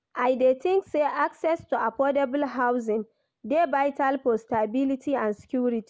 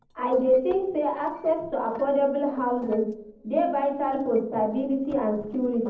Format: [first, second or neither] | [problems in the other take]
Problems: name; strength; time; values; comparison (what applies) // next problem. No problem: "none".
first | noise reduction (neural separator model SepFormer DNS4)